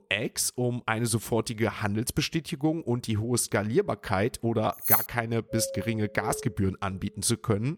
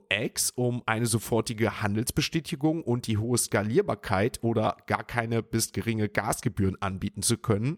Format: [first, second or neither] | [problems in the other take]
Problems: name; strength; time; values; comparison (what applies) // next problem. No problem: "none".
second | jangling keys; loud; at 5 s; peak 6 dB above the speech // doorbell; noticeable; from 5.5 to 6.5 s; peak 8 dB below the speech